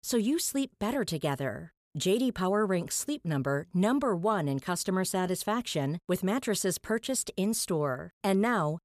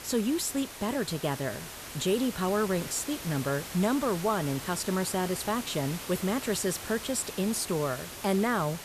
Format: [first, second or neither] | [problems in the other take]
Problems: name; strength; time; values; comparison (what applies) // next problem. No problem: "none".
first | hiss; loud; throughout; 9 dB below the speech